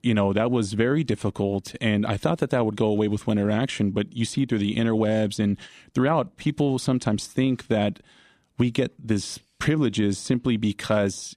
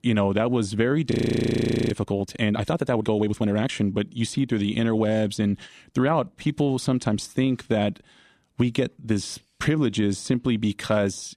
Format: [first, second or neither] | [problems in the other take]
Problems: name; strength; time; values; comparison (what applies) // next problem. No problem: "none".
first | audio freezing; at 1 s for 1 s